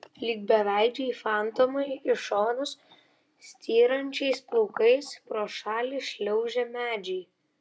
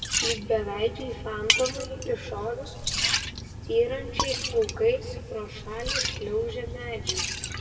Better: first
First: none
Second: background sound (Liquid); 1 dB below the speech // room echo; dies away in 1.7 s

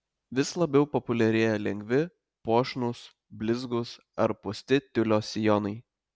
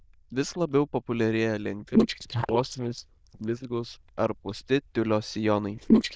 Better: first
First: none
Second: noise reduction (neural diffusion model UNIVERSE++)

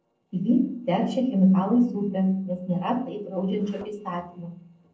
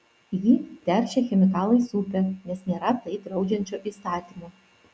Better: second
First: noise reduction (neural separator model SepFormer DNS4)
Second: none

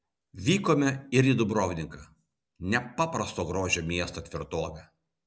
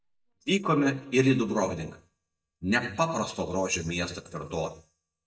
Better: first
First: none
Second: noise reduction (neural mask model DeepFilterNet 3)

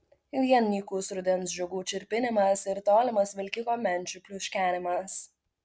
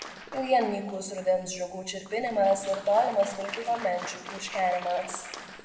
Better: first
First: none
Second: background sound (Applause); 14 dB below the speech // room echo; dies away in 1.3 s

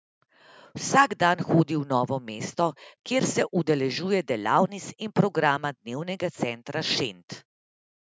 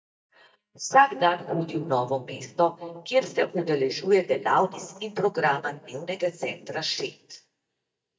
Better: first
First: none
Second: noise reduction (neural mask model DeepFilterNet 3)

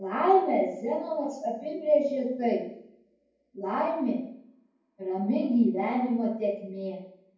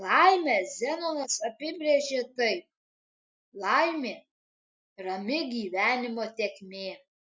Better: second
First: room echo; dies away in 0.9 s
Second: none

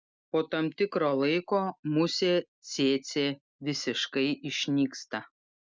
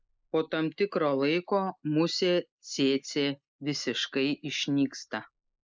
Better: first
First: none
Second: noise reduction (neural mask model Resemble Enhance denoiser)

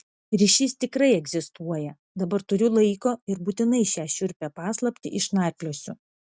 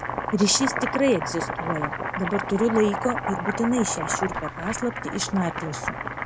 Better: first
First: none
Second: background sound (Boiling); 4 dB below the speech

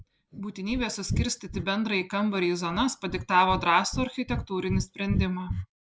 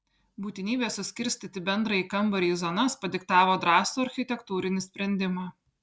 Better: second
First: noise reduction (neural mask model Resemble Enhance denoiser)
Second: none

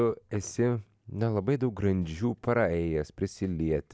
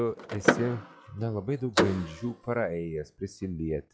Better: first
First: none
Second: noise reduction (classical method log-MMSE)

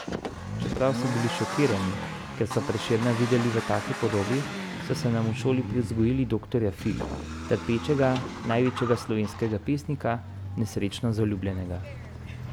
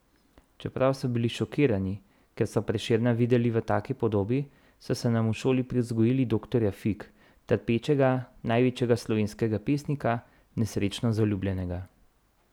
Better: second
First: background sound (Accelerating, revving, vroom); 7 dB below the speech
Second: none

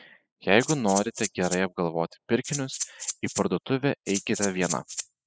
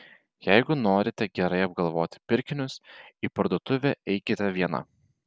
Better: second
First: noise reduction (classical method spectral subtraction)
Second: none

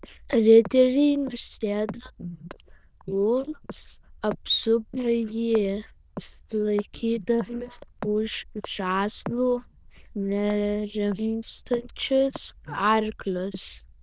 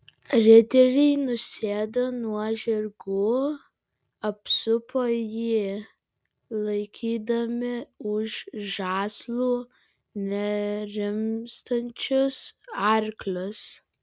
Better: second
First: noise reduction (neural diffusion model UNIVERSE++)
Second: none

